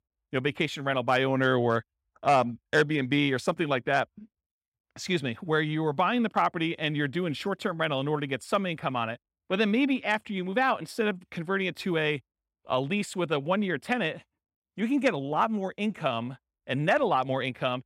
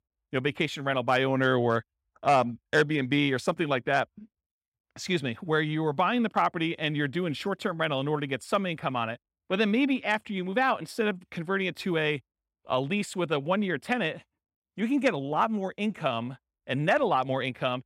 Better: neither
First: none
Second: none

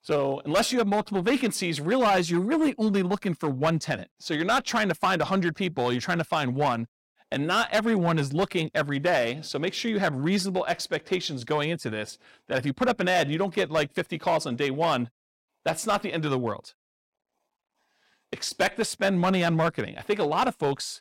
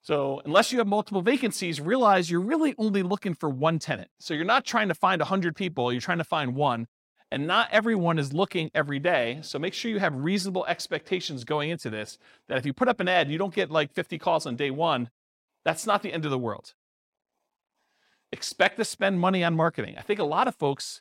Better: second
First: distortion; slight; 5% of the sound clipped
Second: none

